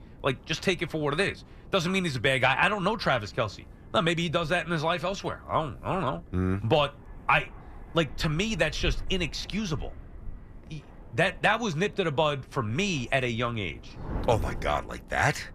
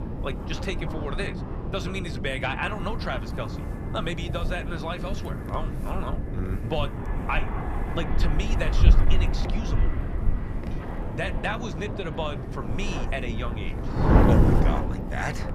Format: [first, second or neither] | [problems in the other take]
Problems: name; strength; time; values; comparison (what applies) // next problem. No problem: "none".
first | wind noise on the microphone; heavy; 2 dB below the speech; occasional gusts in the first